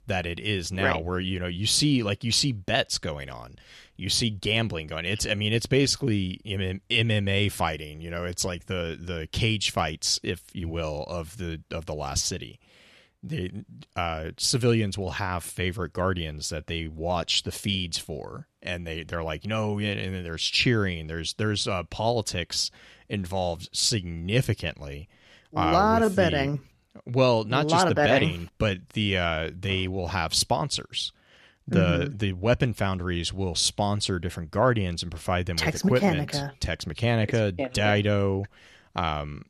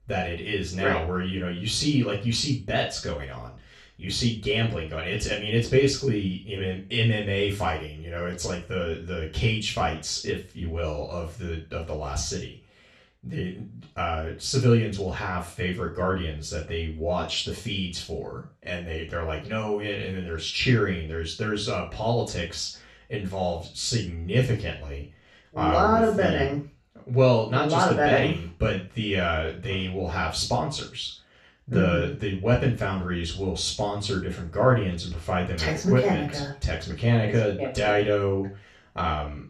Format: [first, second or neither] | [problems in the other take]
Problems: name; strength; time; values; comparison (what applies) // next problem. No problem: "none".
first | room echo; noticeable; dies away in 0.3 s // off-mic speech; far